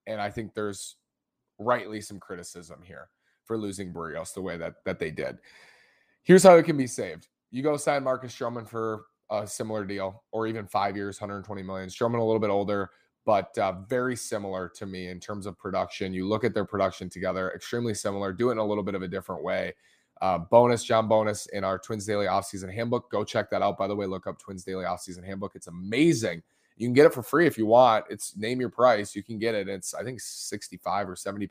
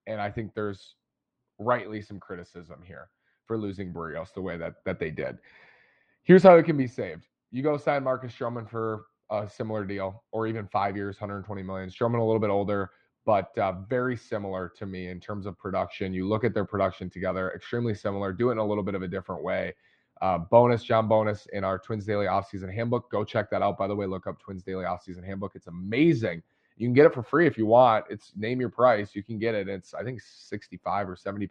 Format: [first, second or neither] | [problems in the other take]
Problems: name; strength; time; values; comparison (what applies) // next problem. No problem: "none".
first | muffled; slightly; fading above 3.5 kHz